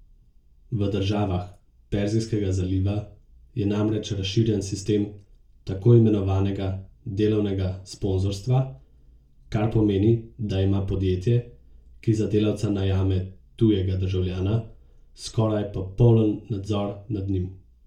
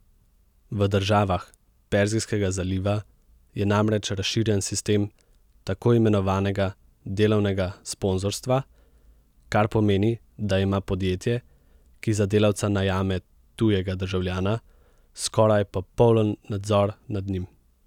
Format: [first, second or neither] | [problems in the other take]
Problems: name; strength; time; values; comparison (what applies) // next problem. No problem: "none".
second | room echo; dies away in 0.3 s